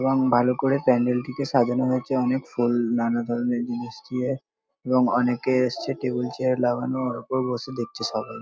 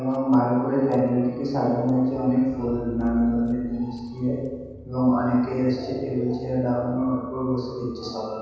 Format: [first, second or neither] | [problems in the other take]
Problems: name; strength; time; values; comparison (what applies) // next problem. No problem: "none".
first | background sound (Engine / Car); 19 dB below the speech // room echo; dies away in 1.2 s